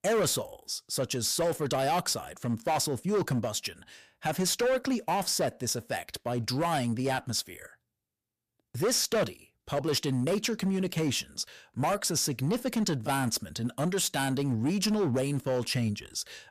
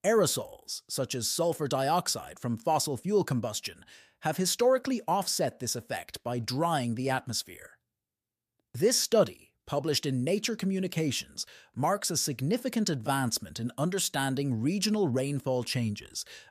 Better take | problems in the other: second | distortion; slight; 9% of the sound clipped

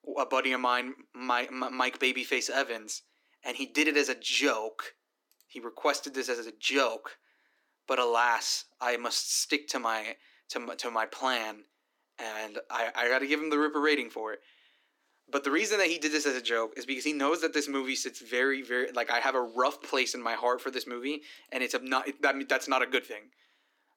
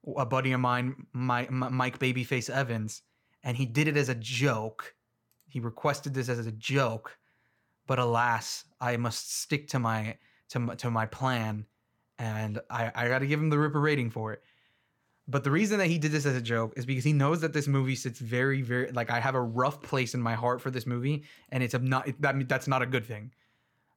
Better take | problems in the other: second | thin; somewhat; fading below 300 Hz

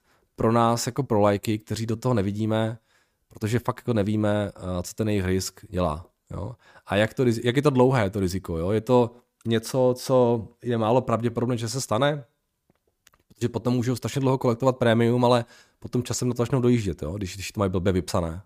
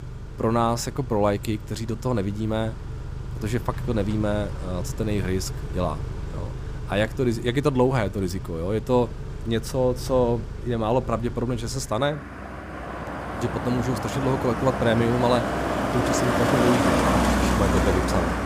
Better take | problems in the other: first | traffic noise; loud; throughout; 3 dB below the speech

